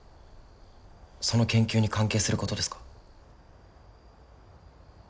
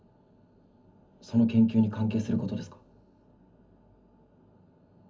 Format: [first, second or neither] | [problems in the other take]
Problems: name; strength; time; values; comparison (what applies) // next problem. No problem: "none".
first | room echo; dies away in 0.4 s